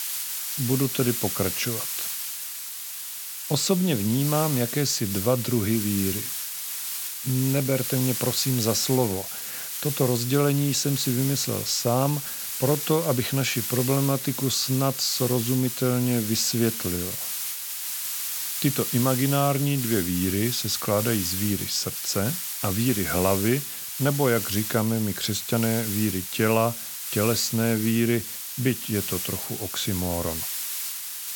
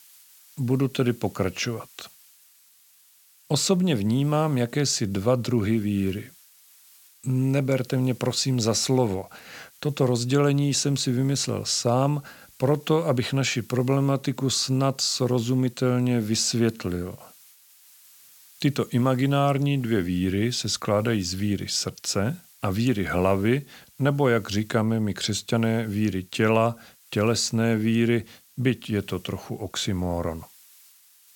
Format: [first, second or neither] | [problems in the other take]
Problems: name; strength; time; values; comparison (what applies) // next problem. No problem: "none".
second | hiss; loud; throughout; 4 dB below the speech; faint in the second